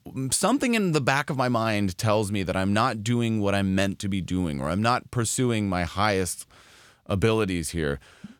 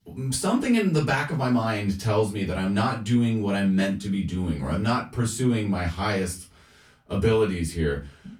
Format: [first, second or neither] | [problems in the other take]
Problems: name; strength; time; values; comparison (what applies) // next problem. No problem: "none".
first | off-mic speech; far // room echo; slight; dies away in 0.2 s